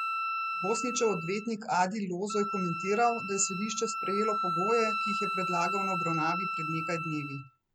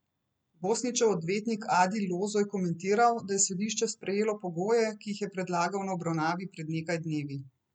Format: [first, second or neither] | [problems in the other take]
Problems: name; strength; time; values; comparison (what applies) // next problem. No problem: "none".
second | background sound (Wind instrument, woodwind instrument); 2 dB below the speech